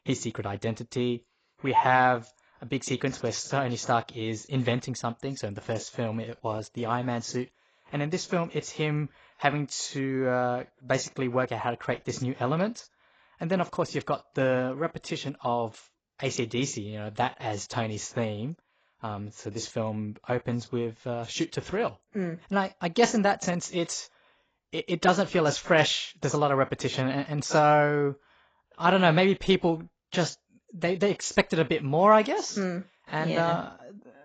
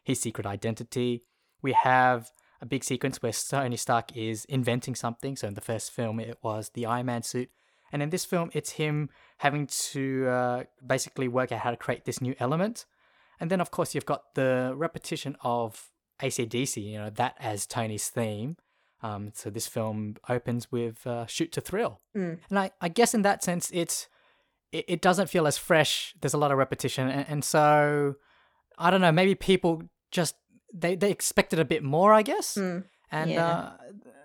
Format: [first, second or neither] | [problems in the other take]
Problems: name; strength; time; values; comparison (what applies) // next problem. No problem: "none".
second | garbled, watery; badly; nothing above 7.5 kHz